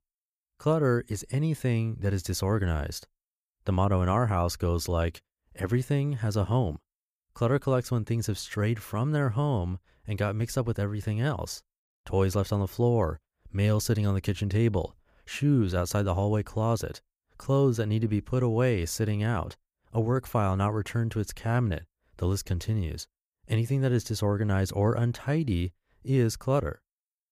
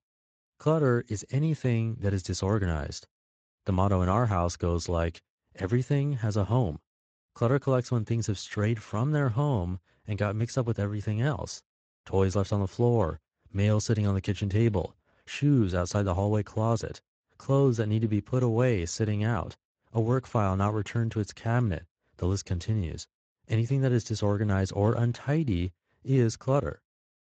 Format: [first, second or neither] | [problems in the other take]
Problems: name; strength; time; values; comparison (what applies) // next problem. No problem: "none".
first | garbled, watery; slightly; nothing above 7.5 kHz